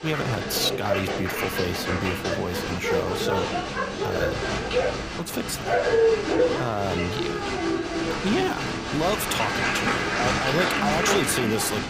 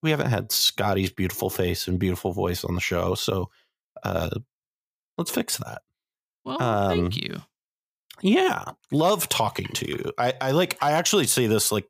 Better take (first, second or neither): second